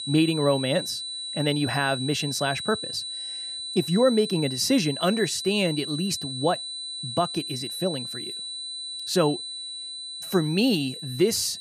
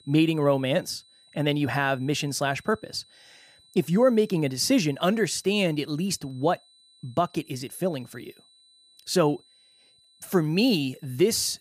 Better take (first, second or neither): second